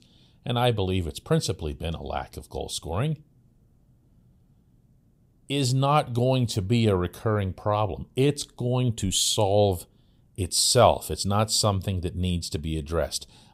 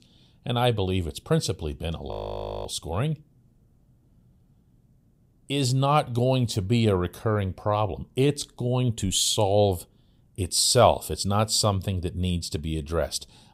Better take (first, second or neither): first